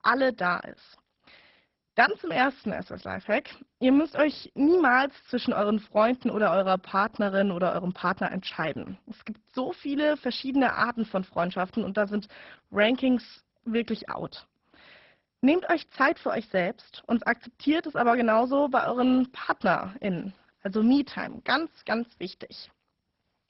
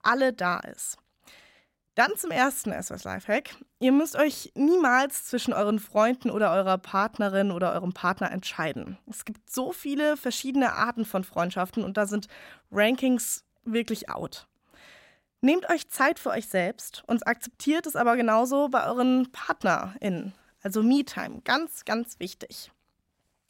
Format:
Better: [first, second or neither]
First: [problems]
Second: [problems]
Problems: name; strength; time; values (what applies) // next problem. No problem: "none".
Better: second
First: garbled, watery; badly; nothing above 5.5 kHz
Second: none